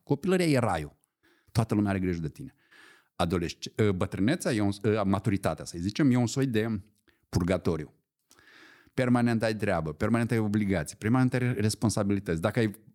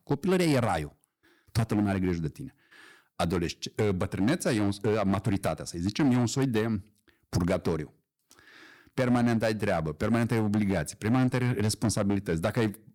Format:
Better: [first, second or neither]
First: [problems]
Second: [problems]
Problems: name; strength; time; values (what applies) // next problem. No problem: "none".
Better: first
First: none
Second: distortion; slight; 6% of the sound clipped